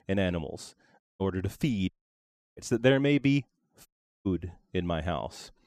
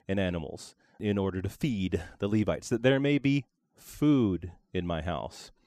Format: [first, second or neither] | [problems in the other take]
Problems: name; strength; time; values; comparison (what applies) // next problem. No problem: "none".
second | audio cutting out; at 1 s, at 2 s for 0.5 s and at 4 s